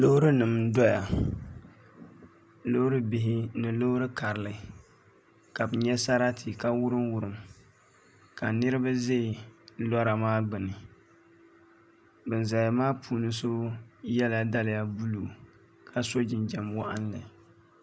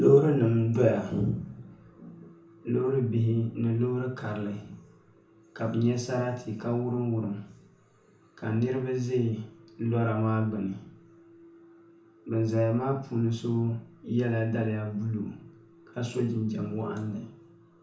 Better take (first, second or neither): first